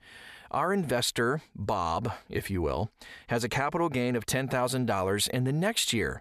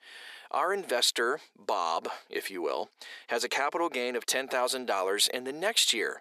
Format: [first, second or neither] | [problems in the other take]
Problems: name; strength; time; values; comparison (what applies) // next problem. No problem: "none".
first | thin; very; fading below 350 Hz